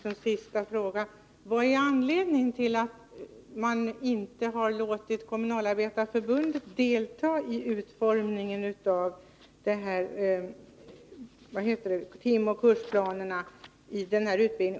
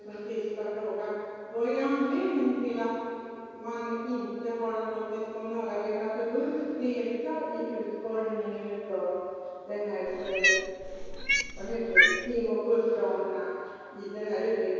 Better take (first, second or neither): first